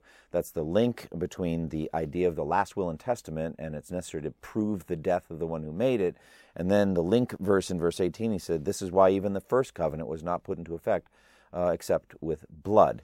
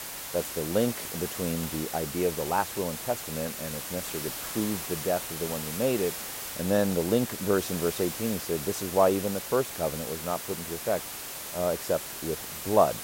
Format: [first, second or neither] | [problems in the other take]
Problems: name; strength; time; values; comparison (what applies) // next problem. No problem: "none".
first | hiss; loud; throughout; 5 dB below the speech